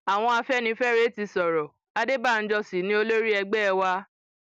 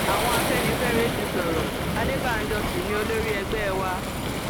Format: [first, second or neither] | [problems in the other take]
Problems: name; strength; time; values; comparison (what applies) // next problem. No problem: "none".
first | background sound (Waves, surf); 3 dB above the speech